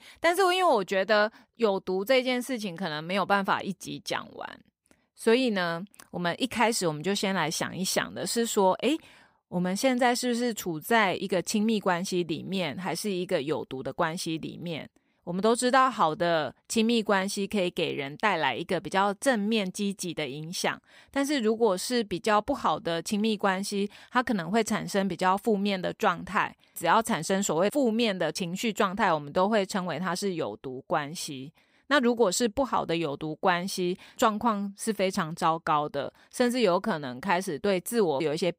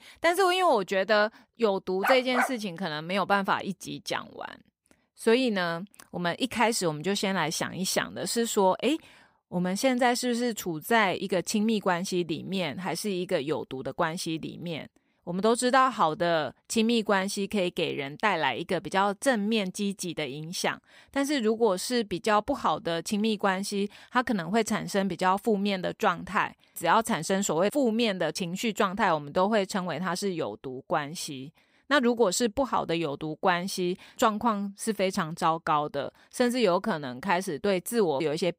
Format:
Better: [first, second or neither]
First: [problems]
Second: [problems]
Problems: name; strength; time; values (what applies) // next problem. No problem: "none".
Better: first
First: none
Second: dog barking; loud; at 2 s; peak 1 dB above the speech